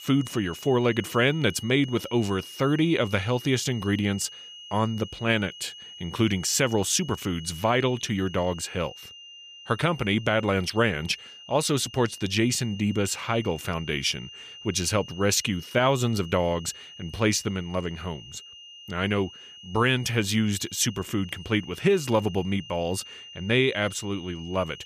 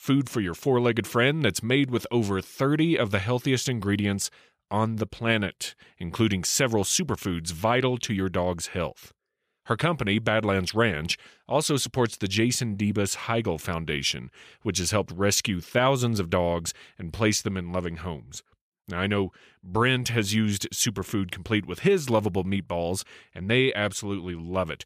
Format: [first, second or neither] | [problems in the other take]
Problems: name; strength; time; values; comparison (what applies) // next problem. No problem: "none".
second | high-pitched whine; noticeable; throughout; 3 kHz, 15 dB below the speech